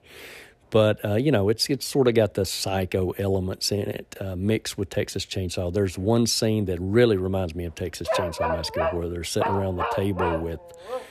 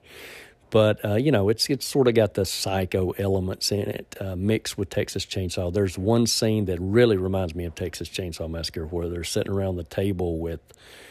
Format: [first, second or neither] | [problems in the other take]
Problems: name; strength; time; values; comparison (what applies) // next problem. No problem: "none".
second | dog barking; noticeable; from 8 s on; peak 1 dB below the speech